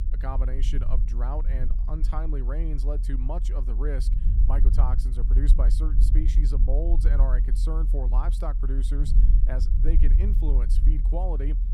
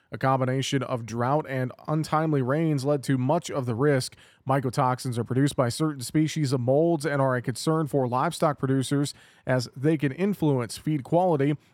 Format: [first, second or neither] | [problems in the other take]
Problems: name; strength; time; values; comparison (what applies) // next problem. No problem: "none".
second | low rumble; loud; throughout; 7 dB below the speech